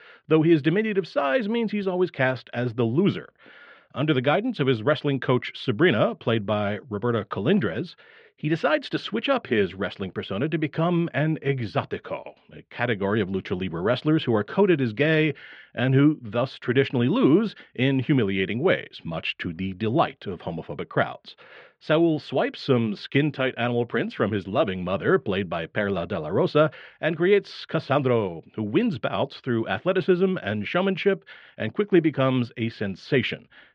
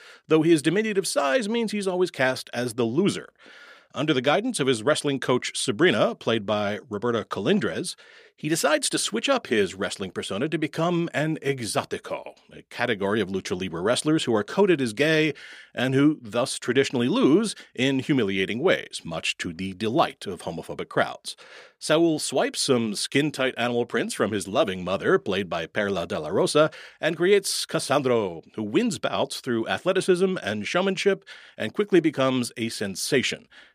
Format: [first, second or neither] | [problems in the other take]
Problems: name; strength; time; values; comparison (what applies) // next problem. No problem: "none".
second | muffled; slightly; fading above 3 kHz